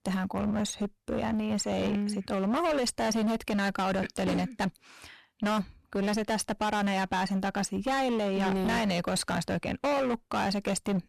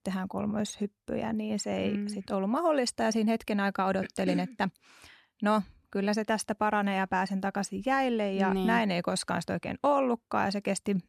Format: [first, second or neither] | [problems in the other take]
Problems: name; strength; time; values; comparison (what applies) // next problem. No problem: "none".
second | distortion; heavy; 23% of the sound clipped